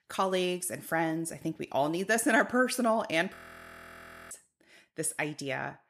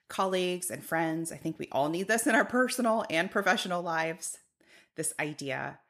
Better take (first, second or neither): second